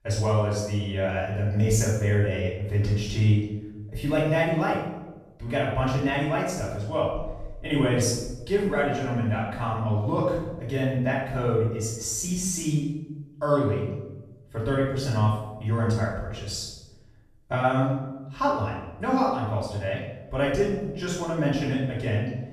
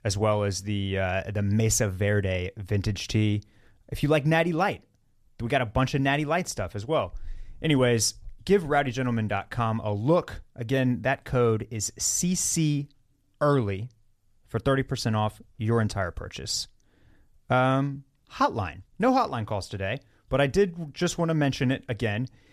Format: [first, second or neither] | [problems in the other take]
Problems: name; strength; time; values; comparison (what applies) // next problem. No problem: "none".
second | off-mic speech; far // room echo; noticeable; dies away in 0.9 s